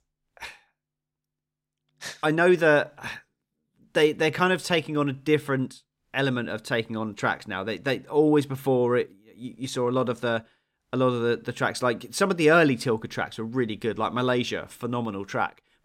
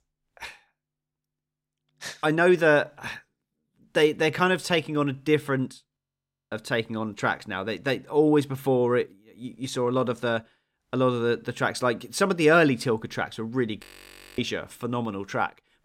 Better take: first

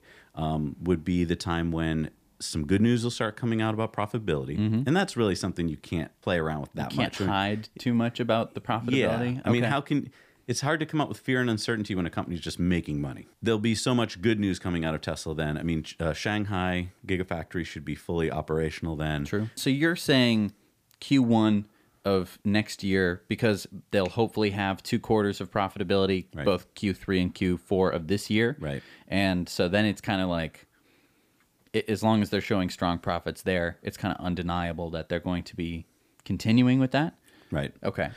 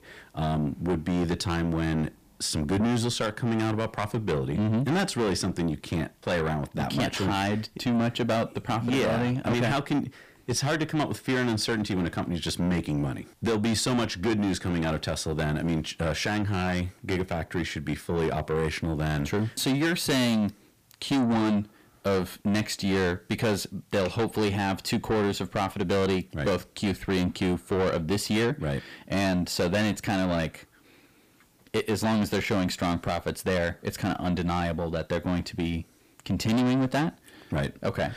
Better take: first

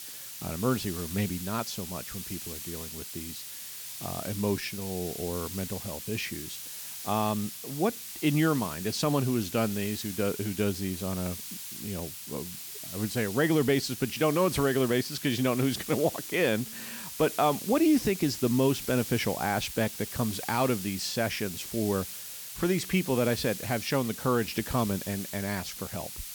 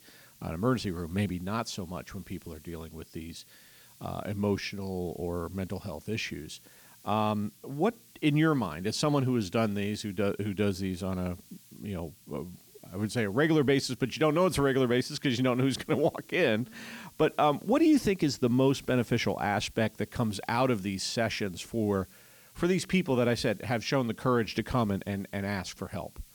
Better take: second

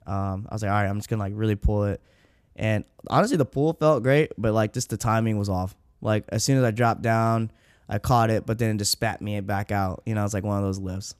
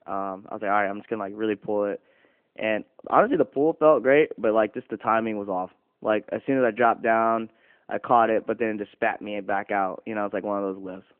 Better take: first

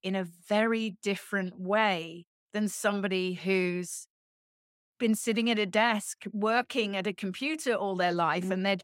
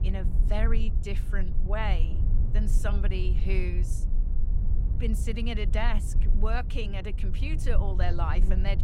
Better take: first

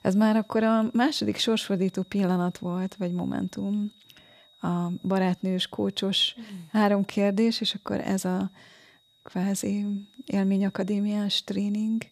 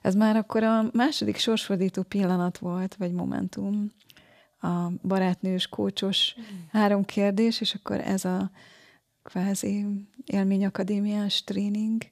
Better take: second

